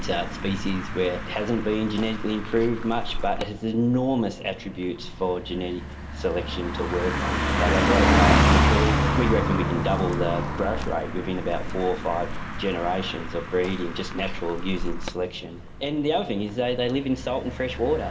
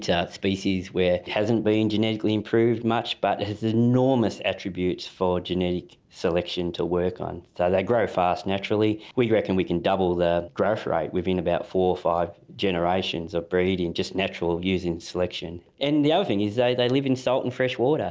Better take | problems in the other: second | background sound (Car passing by); as loud as the speech // room echo; dies away in 2.1 s

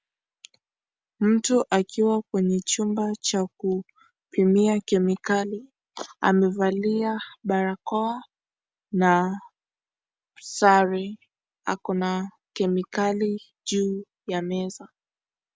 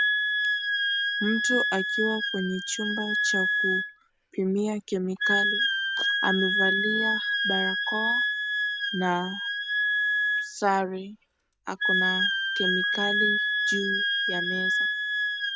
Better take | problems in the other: first | background sound (Wind instrument, woodwind instrument); 5 dB above the speech

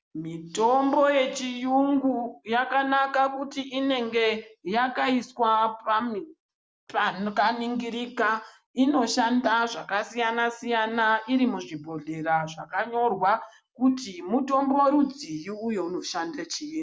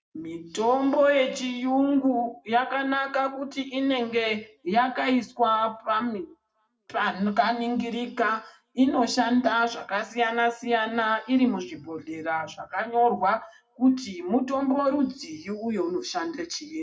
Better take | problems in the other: first | room echo; dies away in 0.2 s

